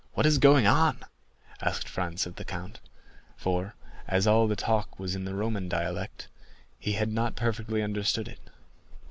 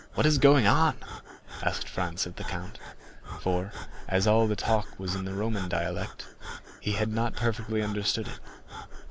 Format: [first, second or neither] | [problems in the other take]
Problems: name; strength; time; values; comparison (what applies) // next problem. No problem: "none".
first | background sound (Breathing); 14 dB below the speech